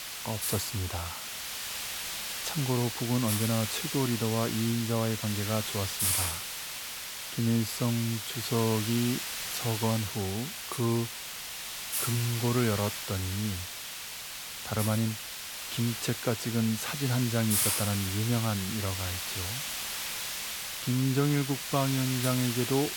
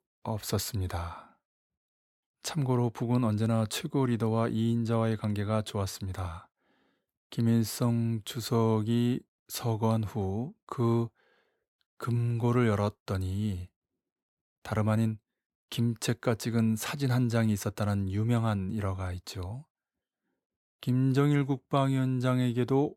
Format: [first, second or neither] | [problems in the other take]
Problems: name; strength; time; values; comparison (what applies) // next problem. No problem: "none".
second | hiss; loud; throughout; 2 dB below the speech